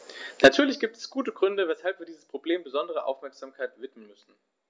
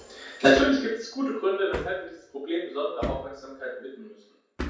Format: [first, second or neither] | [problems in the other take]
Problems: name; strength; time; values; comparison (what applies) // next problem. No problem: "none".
first | background sound (Hammer); 13 dB below the speech // room echo; dies away in 0.5 s